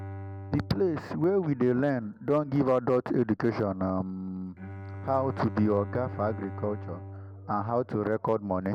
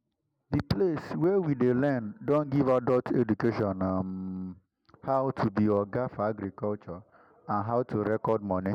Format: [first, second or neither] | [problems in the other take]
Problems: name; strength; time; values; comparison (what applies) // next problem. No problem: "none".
second | background sound (Bowed string instrument); 13 dB below the speech